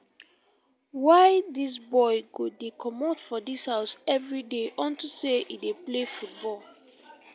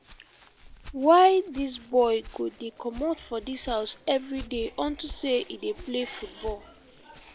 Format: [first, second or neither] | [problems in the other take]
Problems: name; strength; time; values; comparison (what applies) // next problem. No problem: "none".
first | background sound (Walk, footsteps); 18 dB below the speech